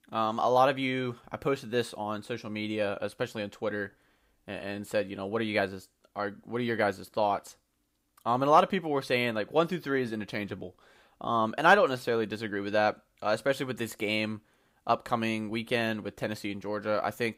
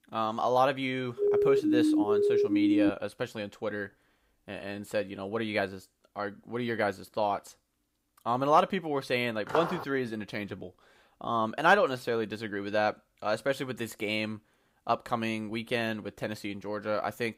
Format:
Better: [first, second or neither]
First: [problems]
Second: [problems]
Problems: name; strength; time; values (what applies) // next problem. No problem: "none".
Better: first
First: none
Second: siren; loud; from 1 to 3 s; peak 6 dB above the speech // footsteps; noticeable; at 9.5 s; peak 3 dB below the speech